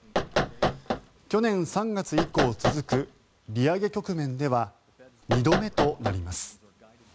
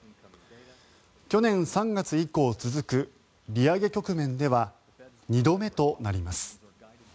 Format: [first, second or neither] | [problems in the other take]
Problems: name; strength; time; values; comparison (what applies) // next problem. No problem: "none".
second | background sound (Knock); as loud as the speech